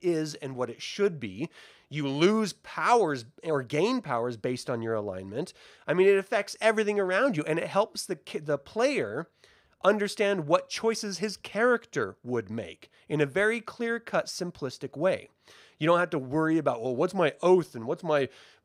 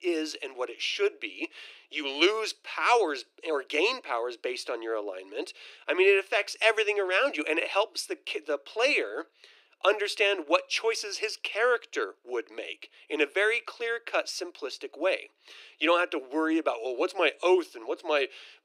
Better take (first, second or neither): first